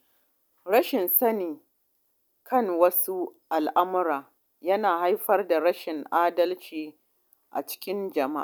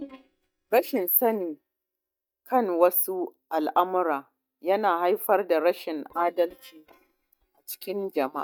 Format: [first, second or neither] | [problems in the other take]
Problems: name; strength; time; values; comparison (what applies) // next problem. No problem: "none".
first | noise reduction (neural mask model DeepFilterNet 3)